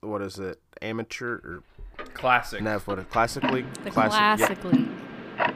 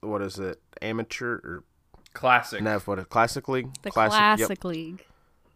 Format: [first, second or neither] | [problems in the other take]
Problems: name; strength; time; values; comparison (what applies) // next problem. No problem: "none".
second | household noises; loud; from 2 s on; 3 dB below the speech